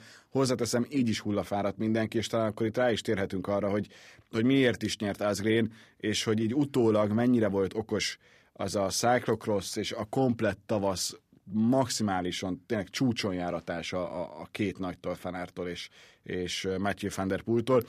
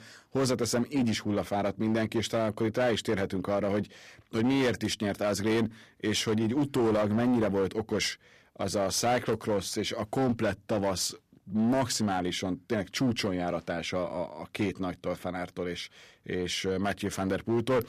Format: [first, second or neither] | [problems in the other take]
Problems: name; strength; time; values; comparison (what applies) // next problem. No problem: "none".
first | distortion; slight; 9% of the sound clipped